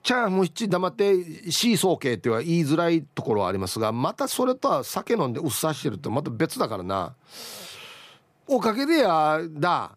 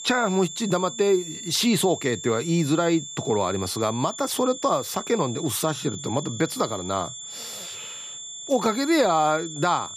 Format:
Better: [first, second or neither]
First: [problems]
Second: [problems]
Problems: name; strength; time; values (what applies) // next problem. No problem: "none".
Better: first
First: none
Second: high-pitched whine; noticeable; throughout; 7 kHz, 10 dB below the speech